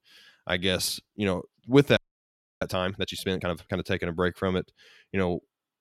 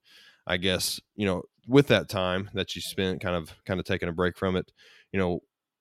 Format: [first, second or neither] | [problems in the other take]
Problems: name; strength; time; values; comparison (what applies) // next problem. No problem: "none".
second | audio freezing; at 2 s for 0.5 s